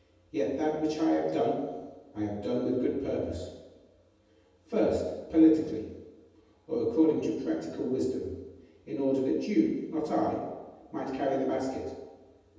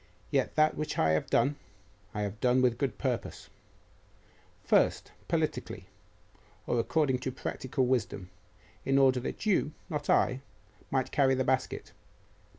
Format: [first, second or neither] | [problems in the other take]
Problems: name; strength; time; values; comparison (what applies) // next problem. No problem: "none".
second | room echo; dies away in 1.1 s